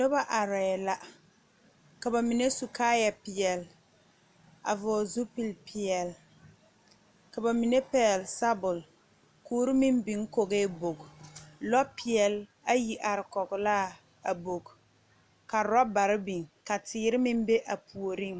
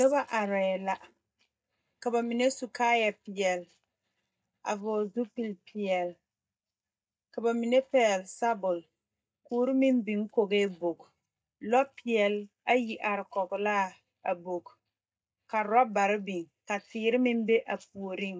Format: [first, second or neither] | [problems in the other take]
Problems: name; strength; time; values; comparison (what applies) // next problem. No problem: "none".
first | noise reduction (neural mask model DeepFilterNet 3)